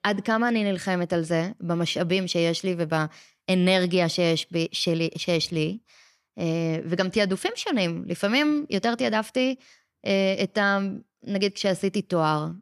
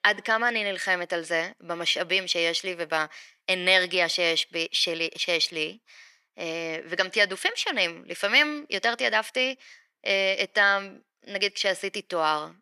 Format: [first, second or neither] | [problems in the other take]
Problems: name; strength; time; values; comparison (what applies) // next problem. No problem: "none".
first | thin; very; fading below 550 Hz